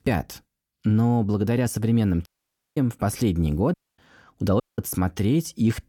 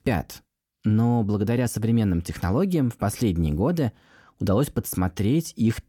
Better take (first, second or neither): second